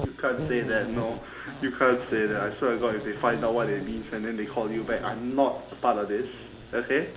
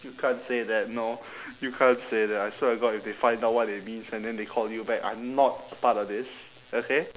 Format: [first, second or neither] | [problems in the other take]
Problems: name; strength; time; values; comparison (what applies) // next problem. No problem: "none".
second | background sound (Insect); 11 dB below the speech // room echo; dies away in 0.4 s